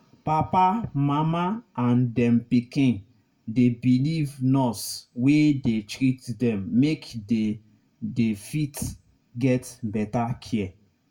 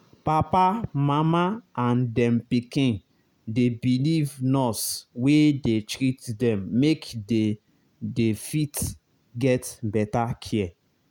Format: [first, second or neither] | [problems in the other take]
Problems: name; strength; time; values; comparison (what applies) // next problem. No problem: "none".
second | room echo; dies away in 0.1 s